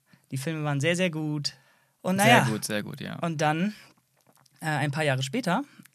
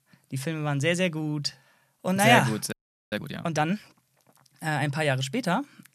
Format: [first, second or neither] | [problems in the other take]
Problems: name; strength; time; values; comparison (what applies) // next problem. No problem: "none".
first | audio freezing; at 2.5 s